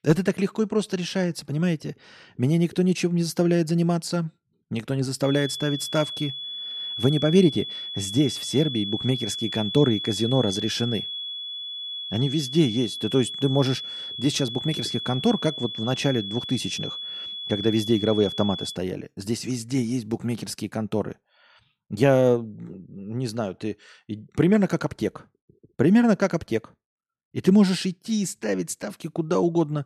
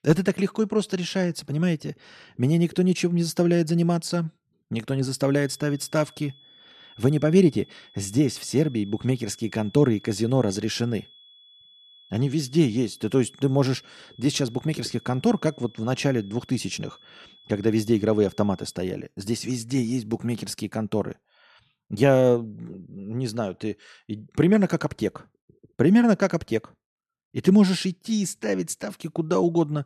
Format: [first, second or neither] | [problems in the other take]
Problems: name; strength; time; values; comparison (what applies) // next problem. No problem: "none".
second | high-pitched whine; loud; from 5.5 to 19 s; 3.5 kHz, 6 dB below the speech; faint in the second